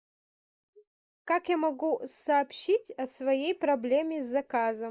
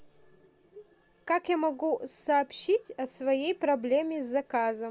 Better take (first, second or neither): second